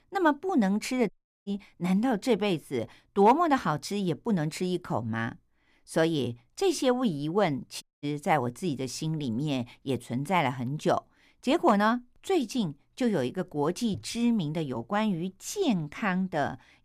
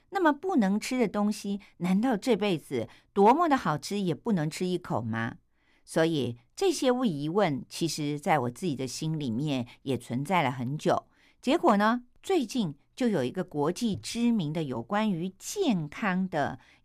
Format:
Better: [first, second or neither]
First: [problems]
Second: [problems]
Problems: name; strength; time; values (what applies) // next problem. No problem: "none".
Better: second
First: audio cutting out; at 1 s and at 8 s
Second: none